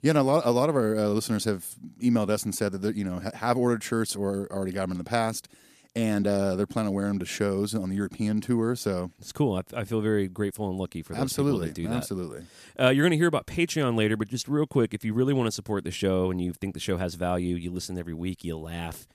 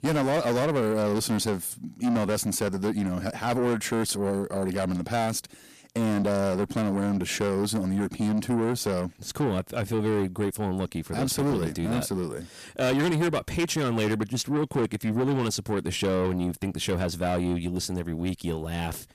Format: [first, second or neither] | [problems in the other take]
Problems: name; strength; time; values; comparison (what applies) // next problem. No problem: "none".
first | distortion; heavy; 7 dB below the speech